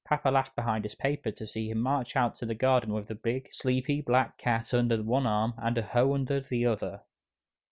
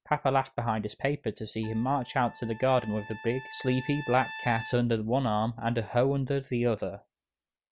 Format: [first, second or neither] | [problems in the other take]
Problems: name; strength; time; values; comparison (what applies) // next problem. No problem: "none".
first | background sound (Trumpet); 15 dB below the speech